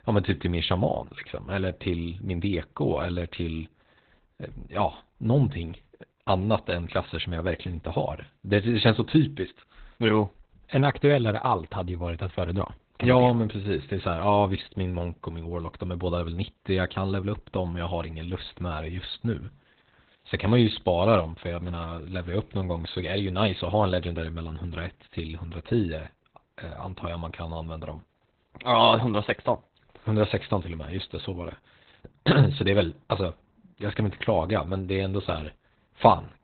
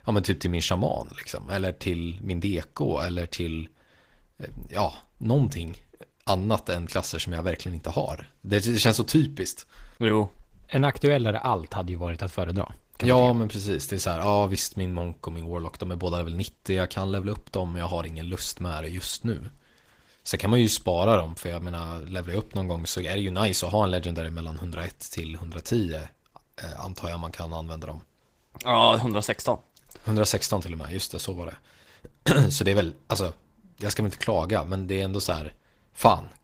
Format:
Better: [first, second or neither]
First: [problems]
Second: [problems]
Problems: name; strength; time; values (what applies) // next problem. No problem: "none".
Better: second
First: garbled, watery; badly; nothing above 4 kHz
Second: garbled, watery; slightly; nothing above 15.5 kHz